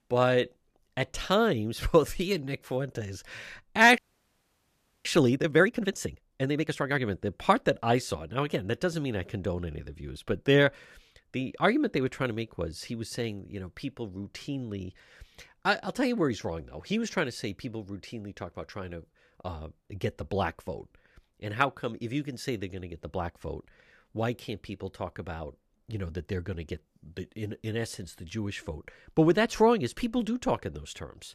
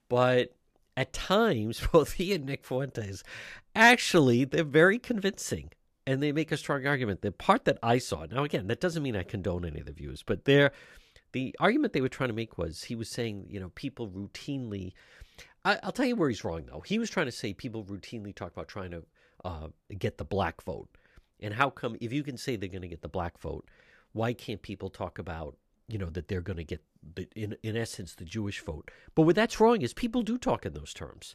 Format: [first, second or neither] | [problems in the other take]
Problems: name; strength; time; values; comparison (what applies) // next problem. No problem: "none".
second | audio freezing; at 4 s for 1 s